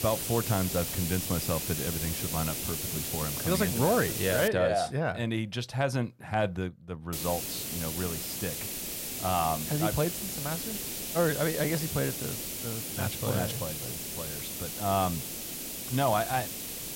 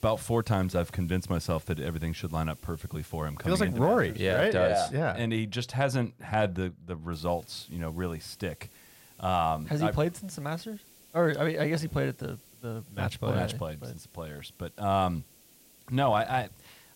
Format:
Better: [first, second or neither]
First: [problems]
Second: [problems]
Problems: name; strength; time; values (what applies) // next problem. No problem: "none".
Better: second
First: hiss; loud; until 4.5 s and from 7 s on; 2 dB below the speech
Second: hiss; faint; until 4.5 s and from 7 s on; 25 dB below the speech